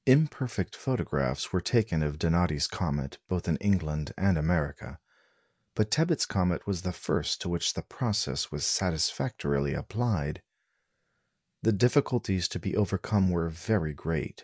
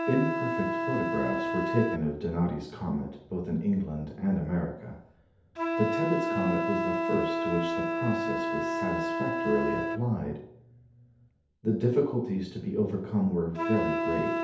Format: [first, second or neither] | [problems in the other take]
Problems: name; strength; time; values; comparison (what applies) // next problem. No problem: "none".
first | background sound (Wind instrument, woodwind instrument); 2 dB below the speech // room echo; dies away in 2.2 s